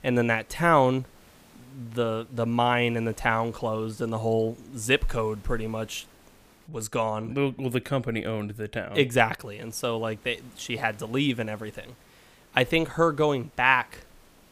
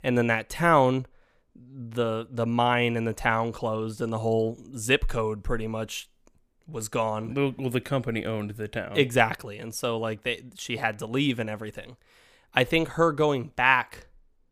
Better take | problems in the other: second | hiss; faint; until 6.5 s and from 9.5 s on; 30 dB below the speech

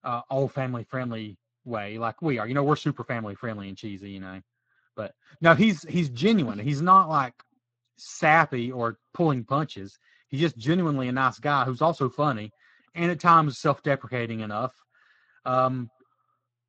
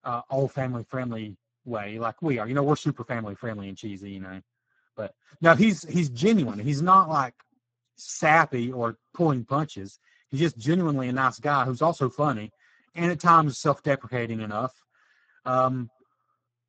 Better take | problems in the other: first | garbled, watery; badly; nothing above 7.5 kHz; slightly in the first

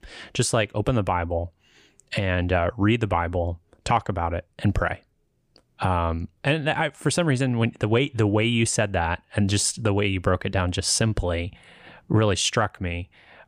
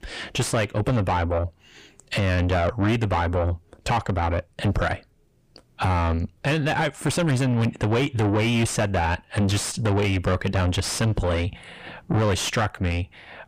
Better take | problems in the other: first | distortion; heavy; 6 dB below the speech

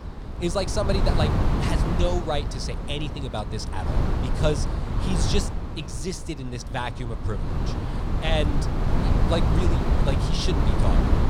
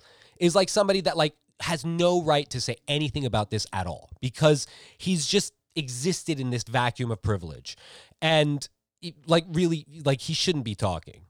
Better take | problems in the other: second | wind noise on the microphone; heavy; 2 dB below the speech

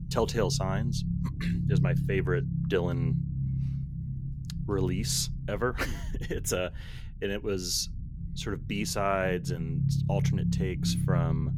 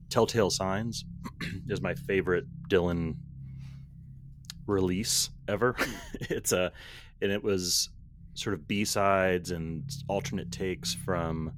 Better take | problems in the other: second | low rumble; loud; throughout; 9 dB below the speech; faint in the second

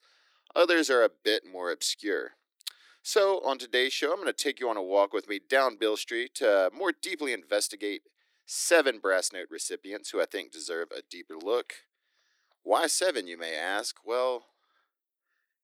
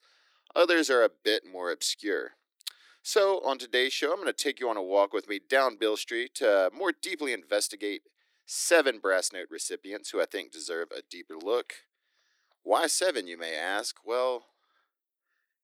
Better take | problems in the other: neither | thin; very; fading below 300 Hz; the same in both

